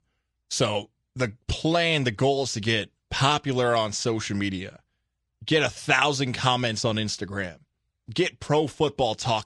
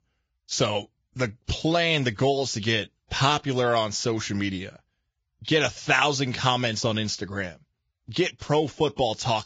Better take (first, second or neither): first